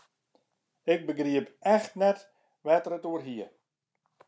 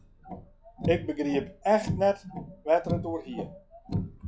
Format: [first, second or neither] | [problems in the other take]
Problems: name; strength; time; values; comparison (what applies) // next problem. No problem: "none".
first | noise reduction (classical method log-MMSE)